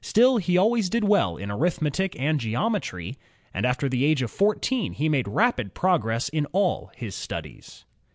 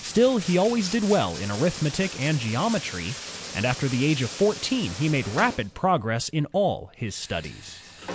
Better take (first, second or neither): first